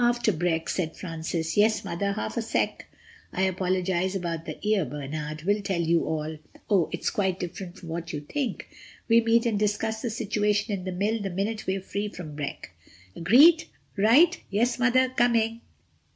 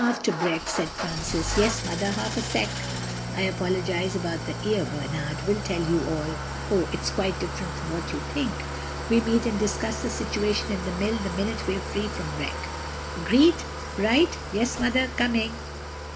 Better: first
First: none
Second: background sound (Idling / Engine starting); 5 dB below the speech

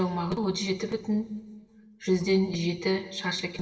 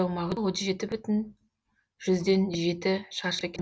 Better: second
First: room echo; dies away in 2 s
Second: none

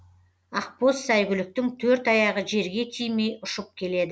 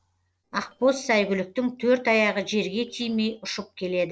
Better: first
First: none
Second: noise reduction (neural separator model SepFormer DNS4)

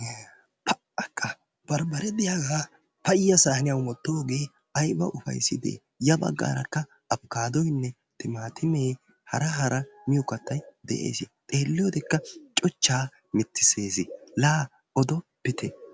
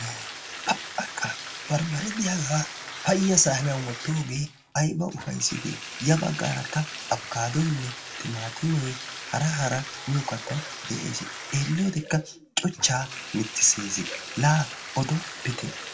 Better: first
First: none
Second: background sound (Bathtub (filling or washing)); 11 dB below the speech // room echo; dies away in 0.2 s

